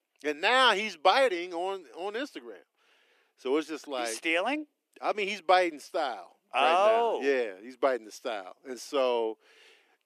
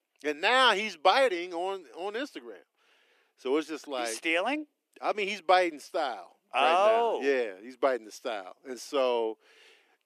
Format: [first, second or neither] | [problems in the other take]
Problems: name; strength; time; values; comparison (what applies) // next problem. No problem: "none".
neither | thin; very; fading below 300 Hz; the same in both